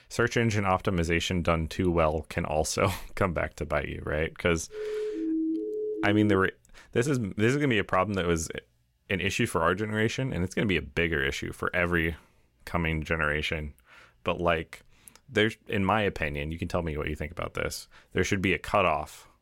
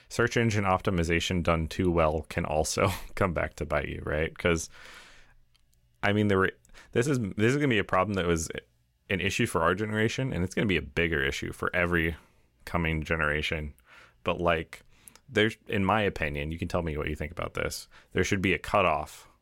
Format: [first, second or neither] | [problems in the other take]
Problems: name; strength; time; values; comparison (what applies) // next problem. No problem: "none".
second | siren; noticeable; from 4.5 to 6.5 s; peak 1 dB below the speech